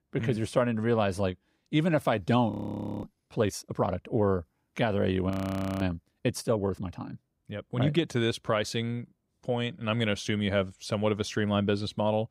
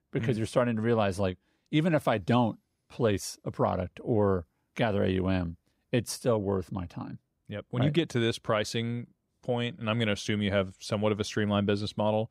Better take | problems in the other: second | audio freezing; at 2.5 s for 0.5 s and at 5.5 s for 0.5 s

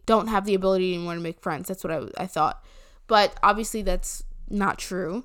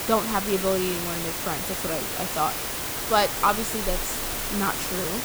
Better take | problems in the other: first | hiss; loud; throughout; as loud as the speech

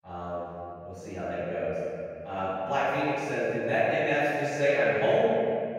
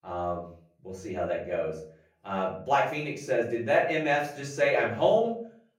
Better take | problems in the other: second | room echo; strong; dies away in 2.3 s; slight in the second // off-mic speech; far; far in the second

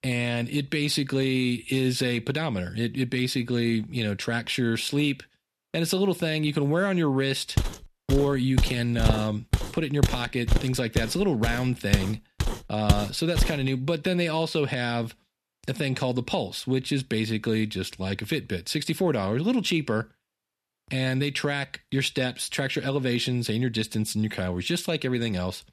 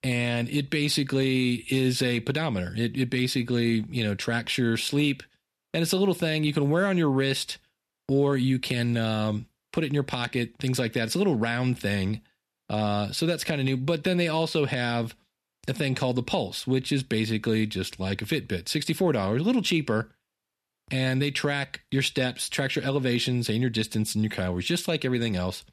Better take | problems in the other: second | footsteps; loud; from 7.5 to 13 s; peak 1 dB above the speech

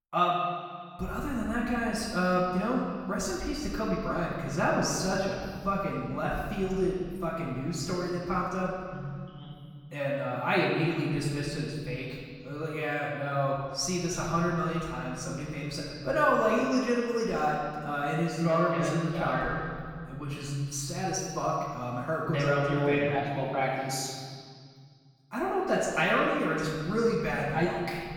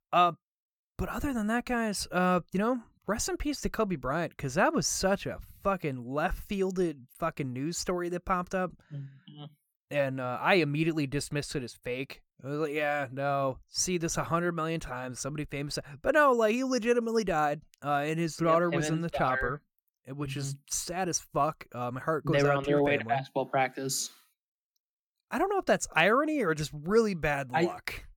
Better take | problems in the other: second | off-mic speech; far // room echo; noticeable; dies away in 2.2 s

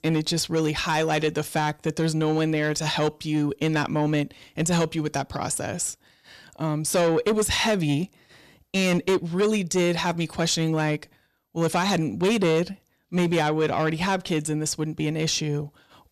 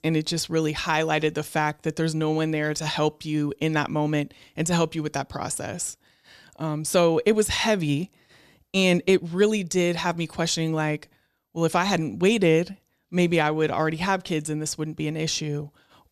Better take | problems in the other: second | distortion; slight; 10 dB below the speech

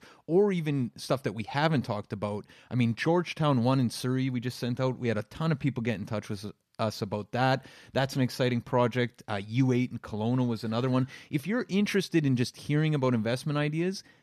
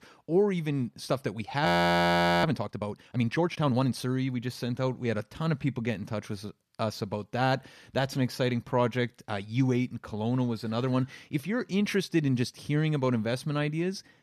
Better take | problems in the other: first | audio freezing; at 1.5 s for 1 s

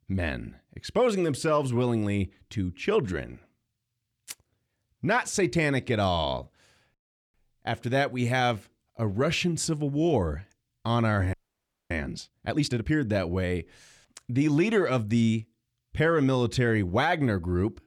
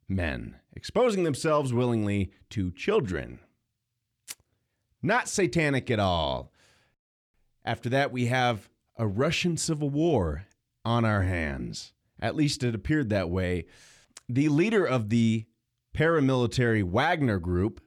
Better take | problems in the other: second | audio freezing; at 11 s for 0.5 s

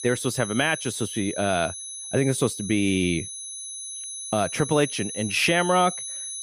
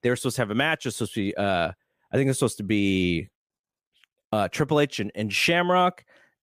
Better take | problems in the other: second | high-pitched whine; loud; throughout; 10 kHz, 8 dB below the speech

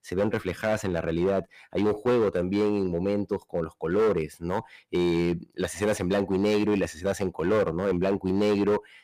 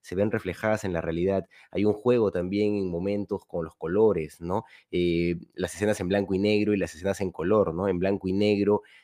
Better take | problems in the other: second | distortion; slight; 9% of the sound clipped

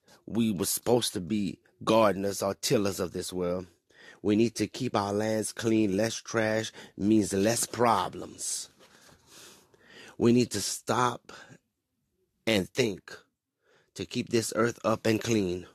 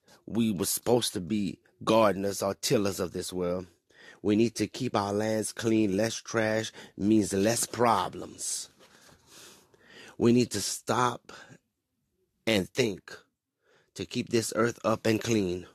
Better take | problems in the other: neither | garbled, watery; slightly; nothing above 13.5 kHz; the same in both

